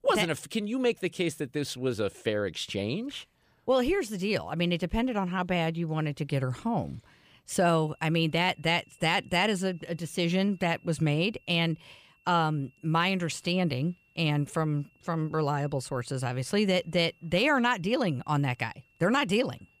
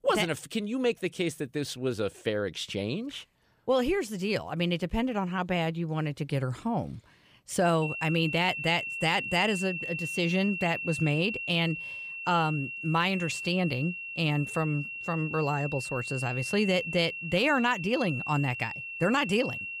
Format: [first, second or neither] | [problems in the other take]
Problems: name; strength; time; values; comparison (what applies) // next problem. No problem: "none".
first | high-pitched whine; loud; from 8 s on; 2.5 kHz, 5 dB below the speech; faint in the first